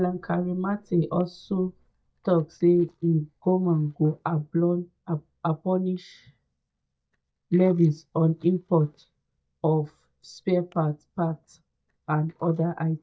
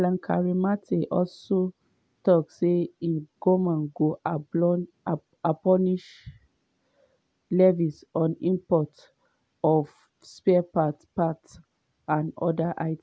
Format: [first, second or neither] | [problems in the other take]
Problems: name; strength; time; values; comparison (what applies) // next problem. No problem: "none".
second | noise reduction (neural mask model DeepFilterNet 3)